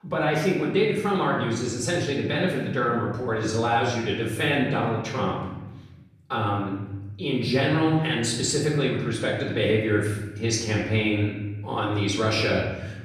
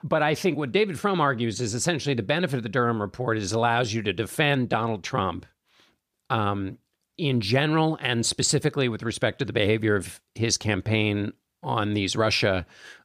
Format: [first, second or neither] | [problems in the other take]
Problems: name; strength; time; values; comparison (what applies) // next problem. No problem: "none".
second | off-mic speech; far // room echo; noticeable; dies away in 1.1 s